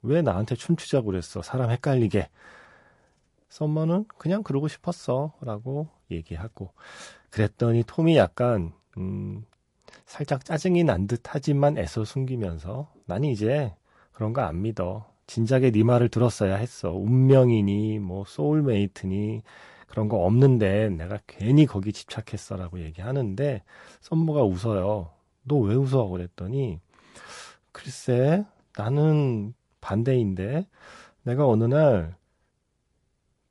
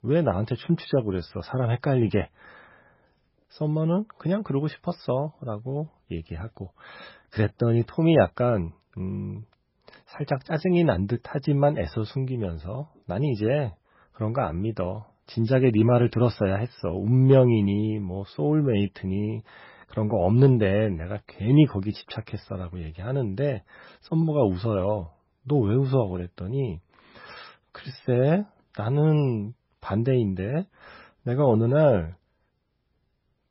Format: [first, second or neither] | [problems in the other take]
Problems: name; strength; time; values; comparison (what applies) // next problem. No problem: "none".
first | garbled, watery; badly; nothing above 5.5 kHz; slightly in the first